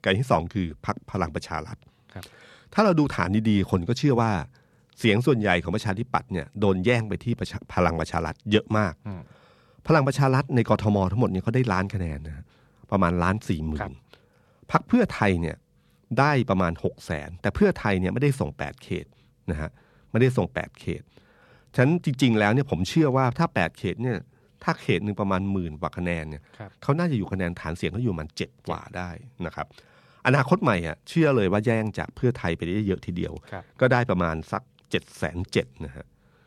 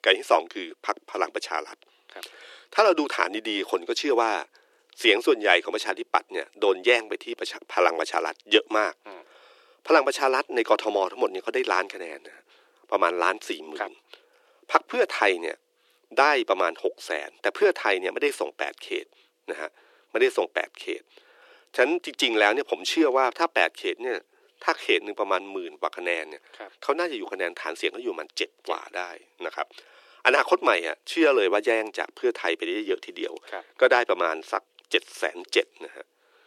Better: first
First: none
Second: thin; very; fading below 350 Hz

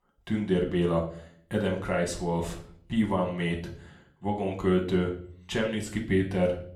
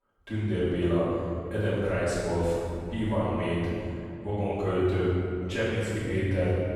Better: first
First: room echo; slight; dies away in 0.4 s // off-mic speech; somewhat distant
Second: room echo; strong; dies away in 2.7 s // off-mic speech; far

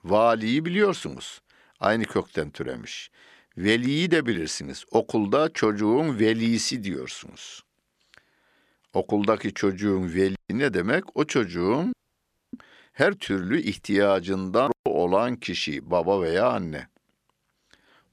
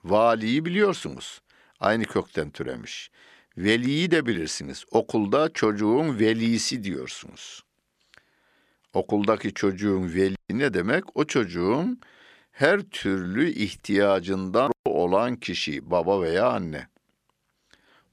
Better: second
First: audio freezing; at 12 s for 0.5 s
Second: none

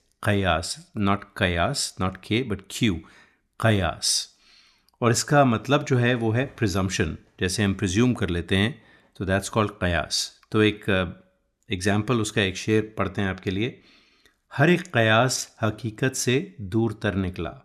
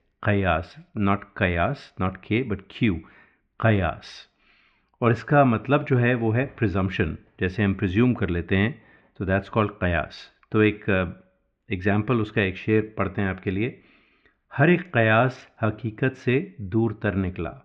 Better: first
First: none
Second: muffled; very; fading above 2.5 kHz

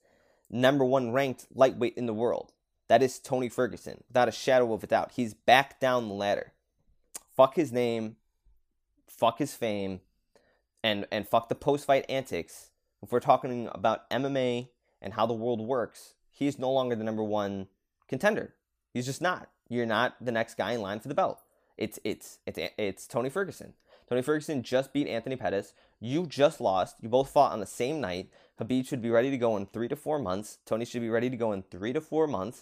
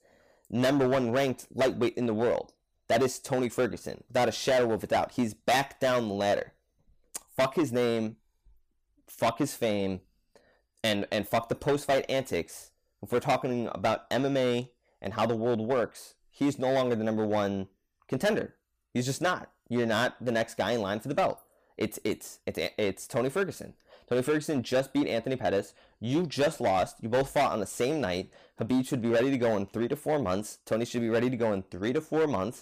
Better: first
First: none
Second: distortion; heavy; 8% of the sound clipped

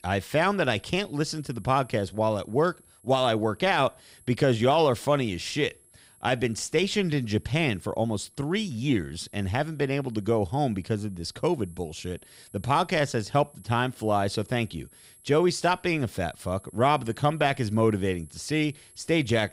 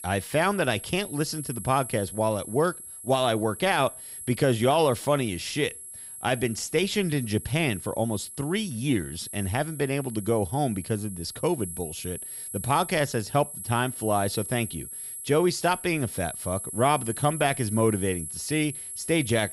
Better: first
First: high-pitched whine; faint; throughout; 11 kHz, 25 dB below the speech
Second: high-pitched whine; loud; throughout; 11 kHz, 9 dB below the speech

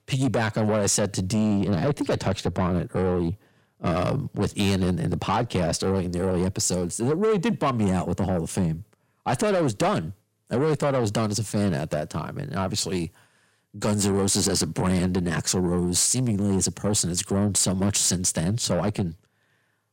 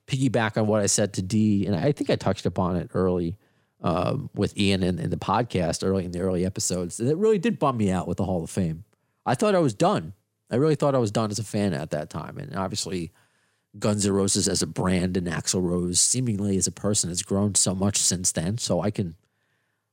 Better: second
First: distortion; slight; 10 dB below the speech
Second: none

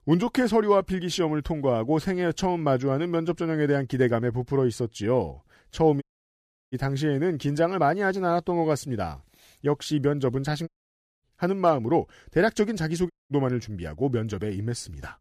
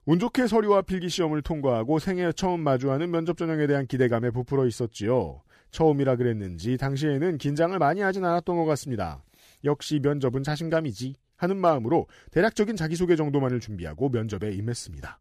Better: second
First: audio cutting out; at 6 s for 0.5 s, at 11 s for 0.5 s and at 13 s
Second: none

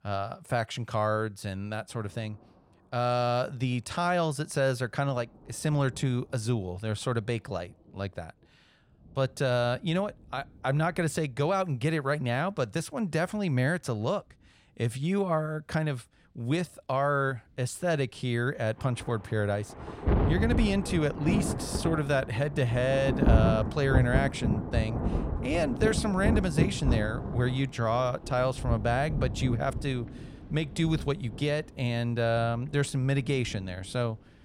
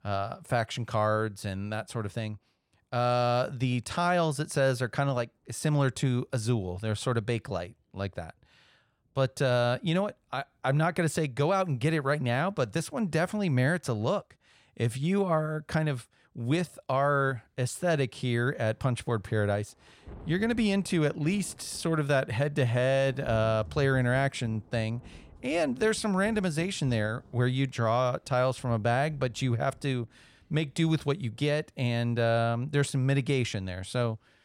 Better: second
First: rain or running water; loud; throughout; 2 dB below the speech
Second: rain or running water; faint; throughout; 25 dB below the speech

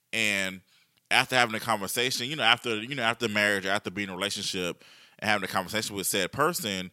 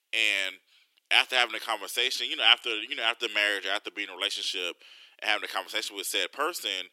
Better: first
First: none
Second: thin; very; fading below 300 Hz

